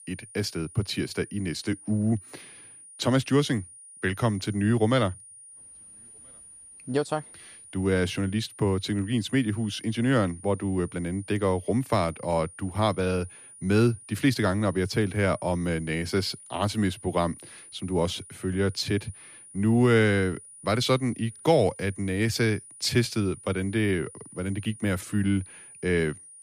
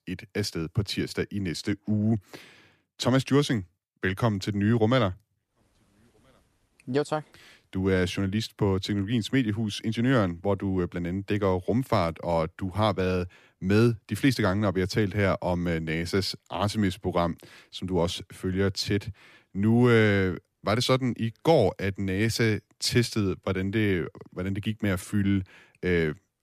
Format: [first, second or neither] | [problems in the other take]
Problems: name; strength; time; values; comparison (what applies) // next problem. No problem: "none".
second | high-pitched whine; noticeable; throughout; 9.5 kHz, 20 dB below the speech